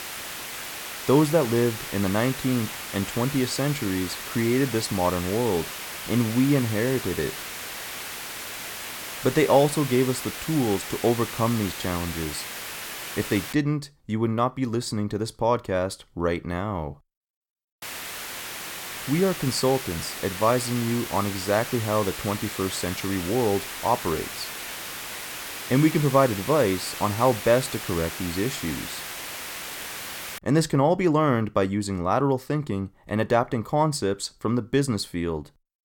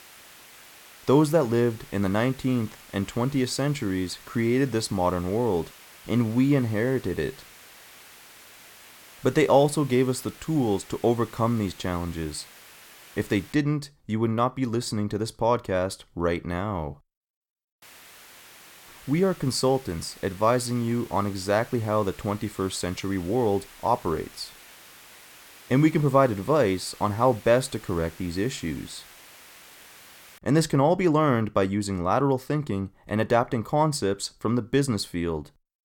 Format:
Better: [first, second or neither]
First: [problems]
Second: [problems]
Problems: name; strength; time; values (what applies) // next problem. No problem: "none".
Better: second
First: hiss; loud; until 14 s and from 18 to 30 s; 8 dB below the speech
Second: hiss; faint; until 14 s and from 18 to 30 s; 20 dB below the speech